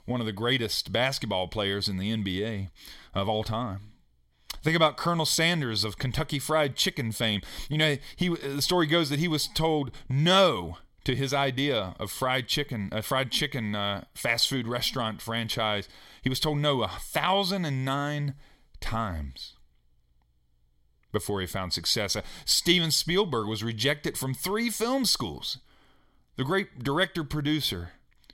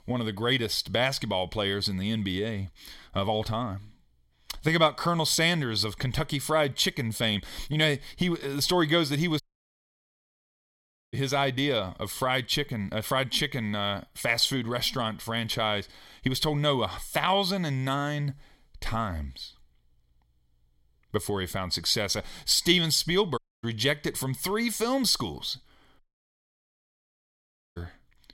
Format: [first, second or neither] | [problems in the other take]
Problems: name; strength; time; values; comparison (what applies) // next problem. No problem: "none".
first | audio cutting out; at 9.5 s for 1.5 s, at 23 s and at 26 s for 2 s